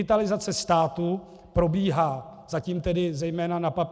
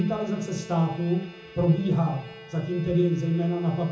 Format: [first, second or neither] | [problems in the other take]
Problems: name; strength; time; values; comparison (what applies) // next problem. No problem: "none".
first | background sound (Bowed string instrument); 20 dB below the speech // room echo; dies away in 0.6 s